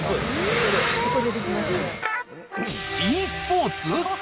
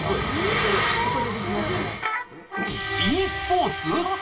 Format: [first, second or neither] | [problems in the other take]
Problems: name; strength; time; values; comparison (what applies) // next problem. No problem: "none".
first | room echo; dies away in 0.2 s